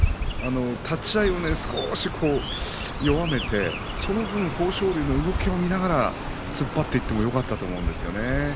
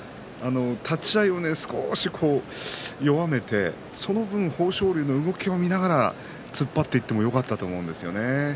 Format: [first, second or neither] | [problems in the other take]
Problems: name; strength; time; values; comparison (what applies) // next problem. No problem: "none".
second | background sound (Chirp, tweet); 3 dB below the speech